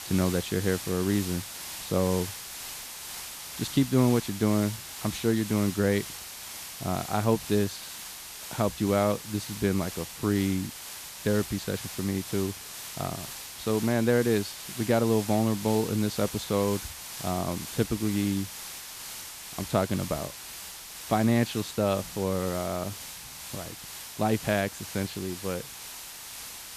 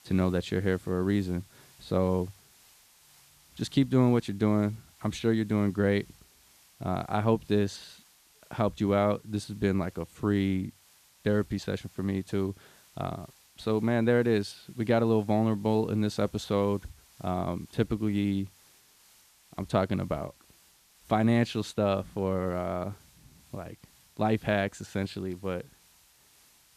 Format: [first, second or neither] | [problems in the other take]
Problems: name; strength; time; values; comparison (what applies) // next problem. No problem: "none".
second | hiss; loud; throughout; 9 dB below the speech; faint in the second